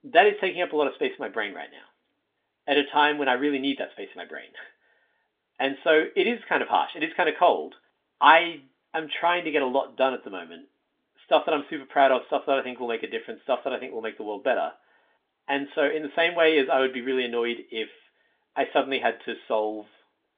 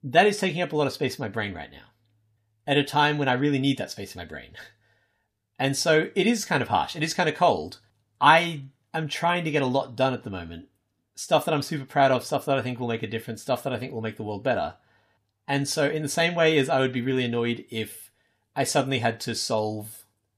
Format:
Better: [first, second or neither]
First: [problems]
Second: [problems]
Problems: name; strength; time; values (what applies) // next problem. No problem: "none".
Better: second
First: phone-call audio; nothing above 3.5 kHz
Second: none